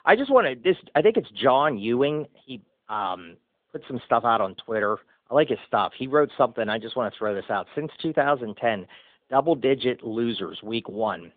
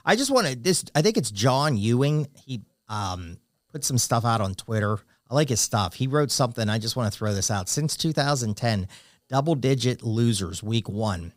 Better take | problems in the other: second | phone-call audio; nothing above 3.5 kHz

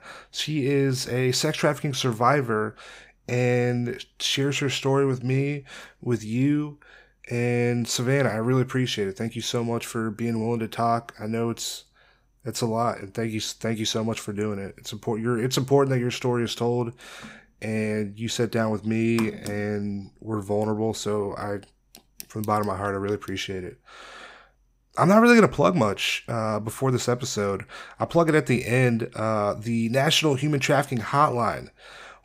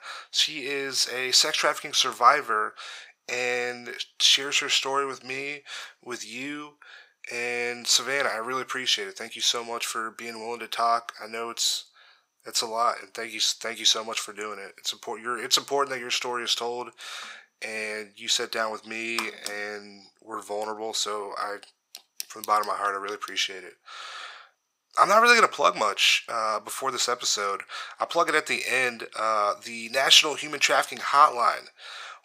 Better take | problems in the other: first | thin; very; fading below 700 Hz

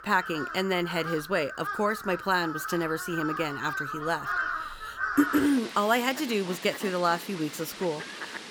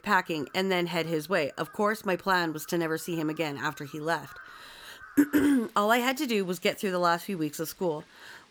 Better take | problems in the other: second | animal sounds; loud; throughout; 7 dB below the speech; faint in the second

